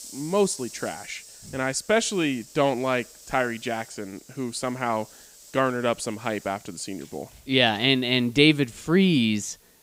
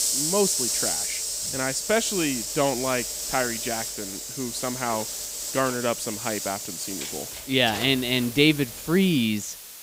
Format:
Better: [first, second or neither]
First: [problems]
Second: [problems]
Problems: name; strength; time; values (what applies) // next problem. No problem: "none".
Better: first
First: hiss; faint; throughout; 20 dB below the speech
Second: hiss; loud; throughout; 3 dB below the speech